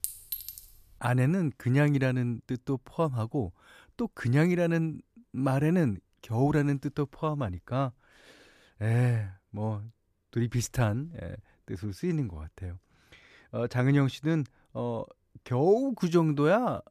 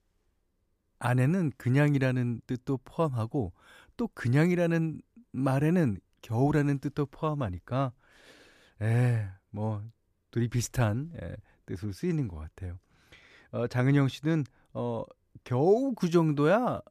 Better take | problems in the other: second | clattering dishes; noticeable; at the start; peak 5 dB below the speech

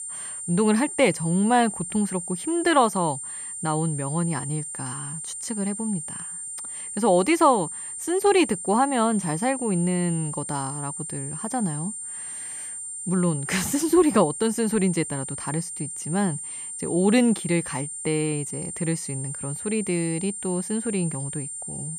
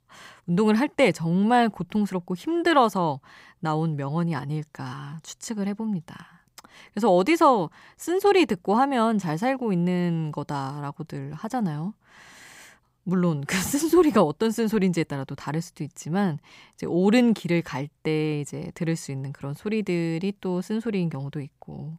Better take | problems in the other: second | high-pitched whine; loud; throughout; 9 kHz, 7 dB below the speech

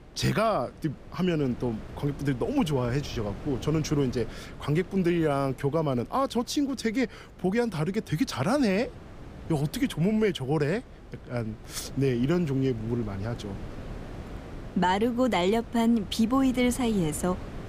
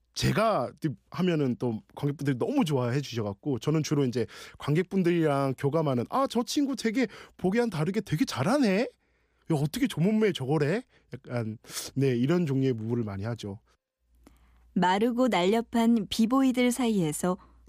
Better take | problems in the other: second | wind noise on the microphone; occasional gusts; 20 dB below the speech

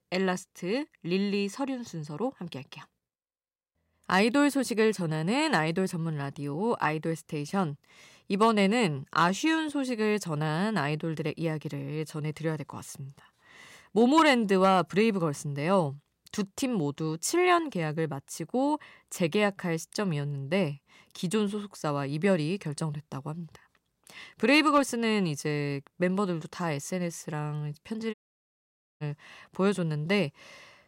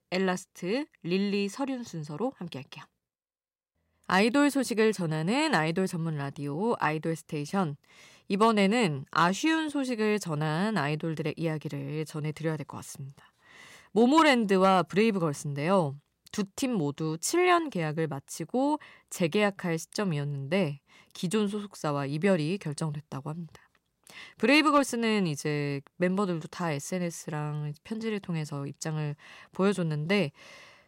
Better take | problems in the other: second | audio cutting out; at 28 s for 1 s

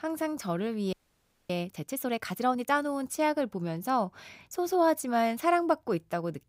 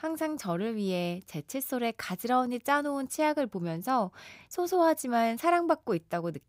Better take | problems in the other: second | audio freezing; at 1 s for 0.5 s

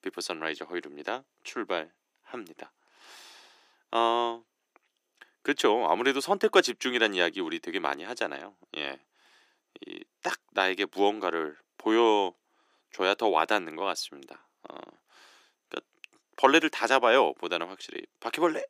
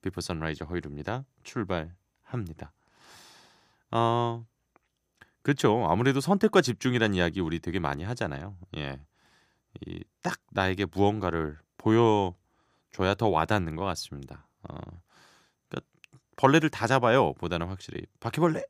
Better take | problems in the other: second | thin; somewhat; fading below 300 Hz

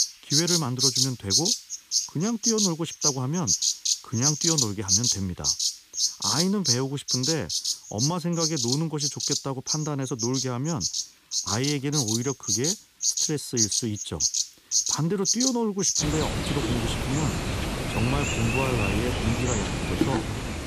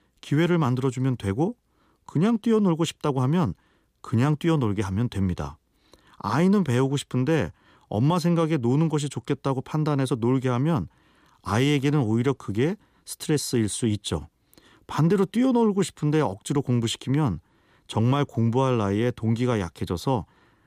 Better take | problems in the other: second | animal sounds; very loud; throughout; 4 dB above the speech

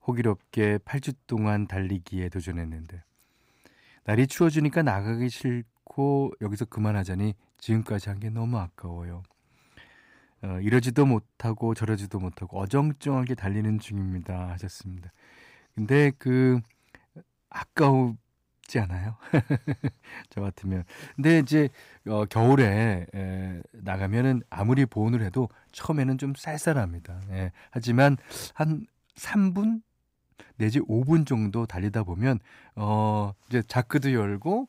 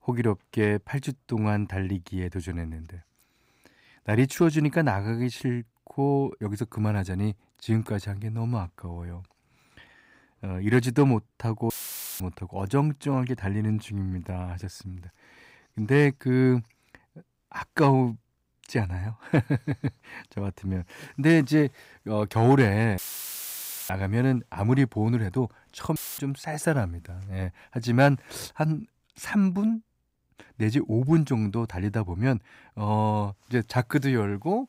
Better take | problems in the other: first | audio cutting out; filled with static; at 12 s for 0.5 s, at 23 s for 1 s and at 26 s

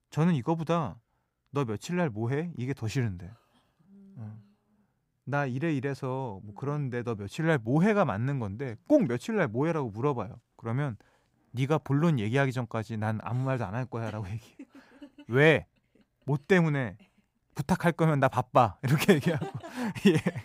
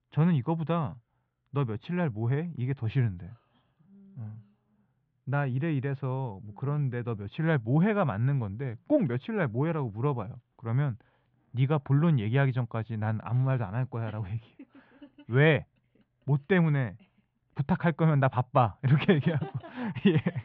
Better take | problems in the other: first | muffled; very; fading above 3.5 kHz

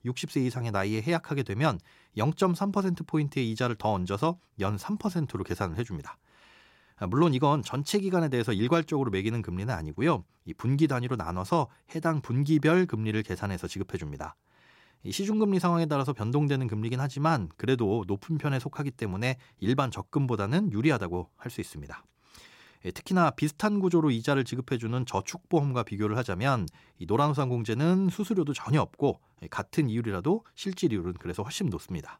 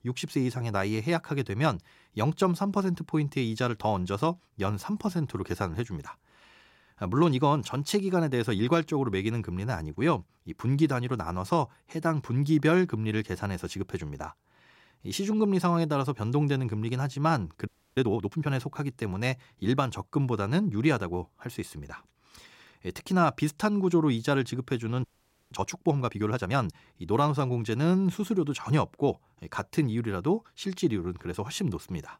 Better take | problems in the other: first | audio freezing; at 18 s and at 25 s

